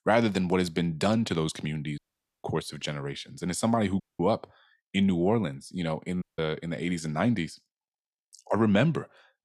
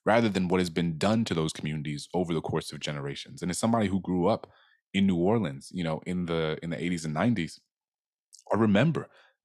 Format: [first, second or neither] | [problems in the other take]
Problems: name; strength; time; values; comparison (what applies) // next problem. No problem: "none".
second | audio cutting out; at 2 s, at 4 s and at 6 s